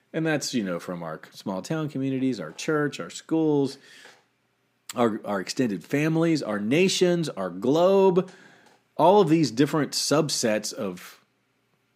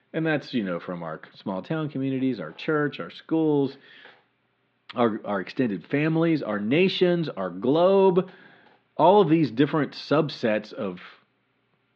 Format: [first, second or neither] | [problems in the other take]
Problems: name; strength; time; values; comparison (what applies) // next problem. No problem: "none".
first | muffled; slightly; fading above 3.5 kHz